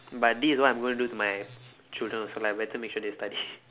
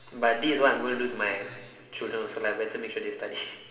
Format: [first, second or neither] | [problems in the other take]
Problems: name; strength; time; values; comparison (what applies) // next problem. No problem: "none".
first | room echo; dies away in 2.9 s